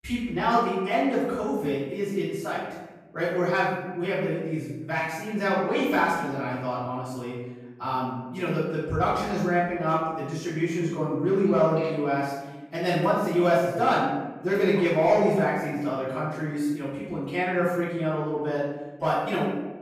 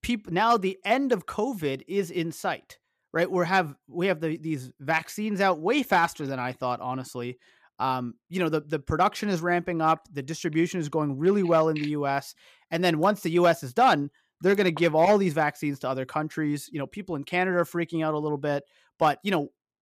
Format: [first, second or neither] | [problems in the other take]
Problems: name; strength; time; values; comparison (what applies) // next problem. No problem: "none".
second | room echo; strong; dies away in 1.1 s // off-mic speech; far